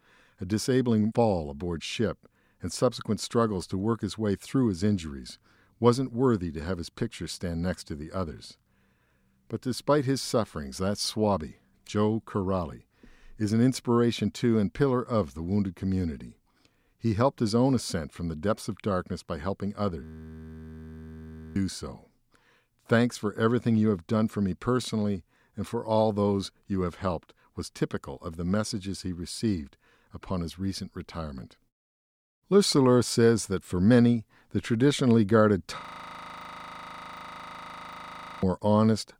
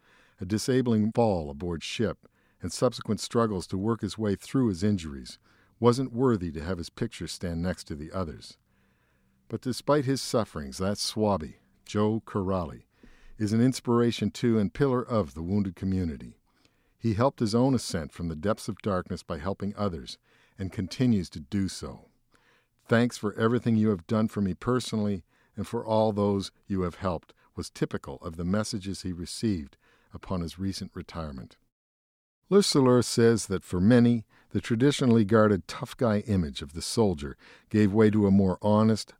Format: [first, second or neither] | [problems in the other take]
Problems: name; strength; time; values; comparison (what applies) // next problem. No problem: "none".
second | audio freezing; at 20 s for 1.5 s and at 36 s for 2.5 s